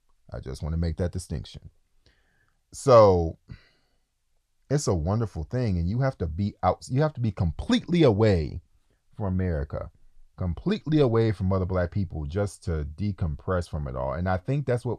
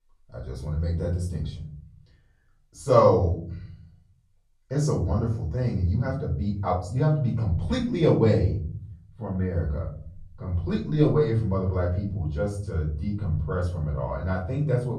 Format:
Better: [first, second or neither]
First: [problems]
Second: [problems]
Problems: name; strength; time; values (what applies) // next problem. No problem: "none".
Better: first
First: none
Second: off-mic speech; far // room echo; noticeable; dies away in 0.6 s